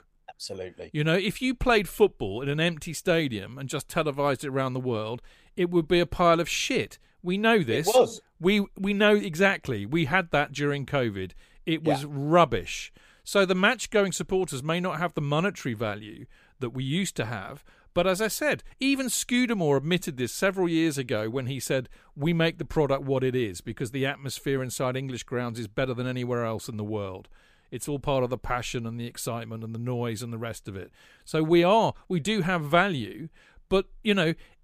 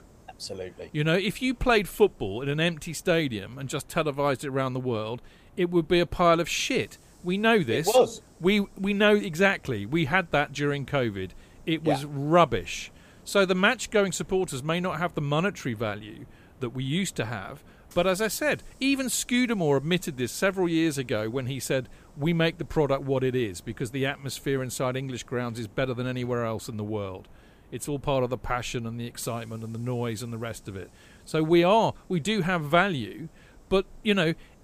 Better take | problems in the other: first | hiss; faint; throughout; 30 dB below the speech

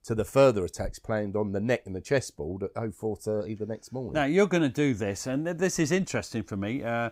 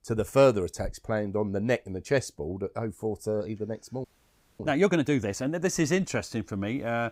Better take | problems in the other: first | audio freezing; at 4 s for 0.5 s

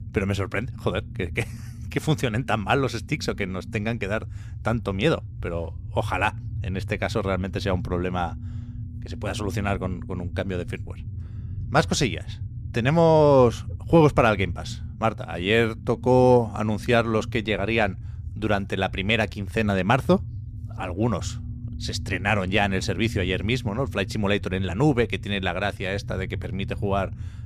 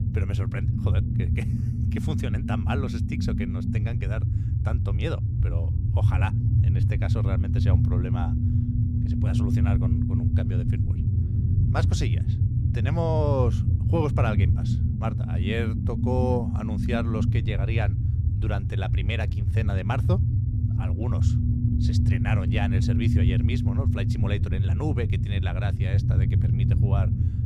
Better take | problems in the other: first | low rumble; loud; throughout; 2 dB below the speech; faint in the first

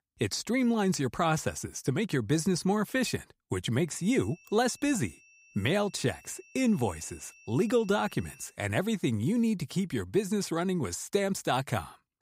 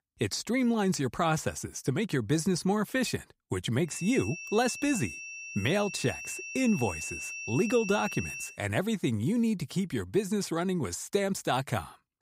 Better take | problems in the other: first | high-pitched whine; loud; from 4 to 8.5 s; 2.5 kHz, 8 dB below the speech; faint in the first

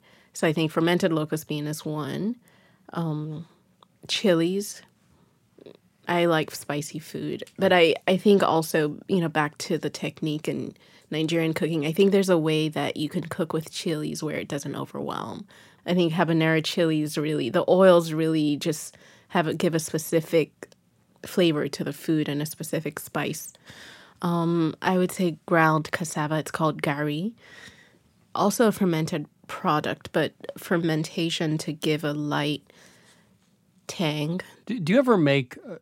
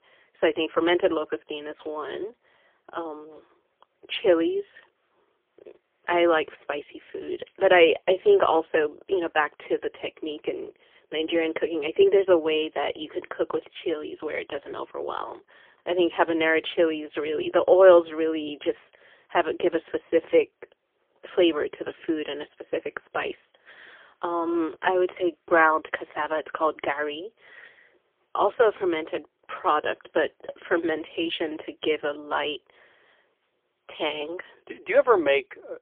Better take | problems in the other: first | phone-call audio; poor line; nothing above 3.5 kHz

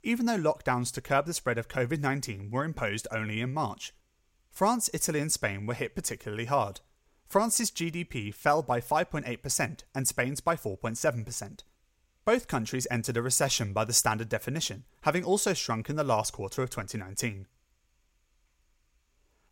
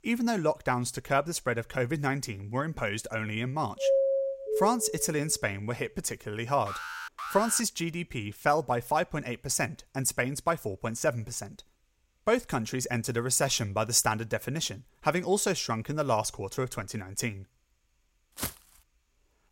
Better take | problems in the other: first | doorbell; loud; from 4 to 5 s; peak 5 dB above the speech // alarm; noticeable; at 6.5 s; peak 7 dB below the speech // footsteps; noticeable; at 18 s; peak 6 dB below the speech

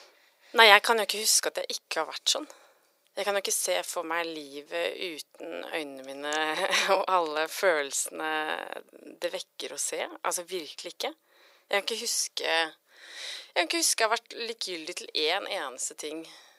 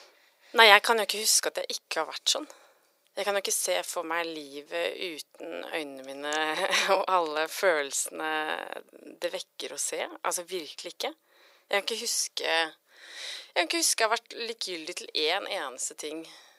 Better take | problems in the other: neither | thin; very; fading below 400 Hz; the same in both

